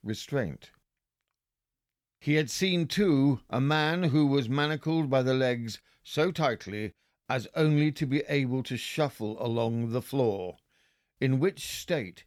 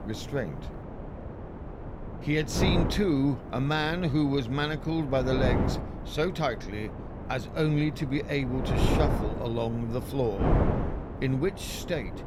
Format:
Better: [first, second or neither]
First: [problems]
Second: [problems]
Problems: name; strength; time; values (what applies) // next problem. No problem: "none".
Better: first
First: none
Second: wind noise on the microphone; heavy; 6 dB below the speech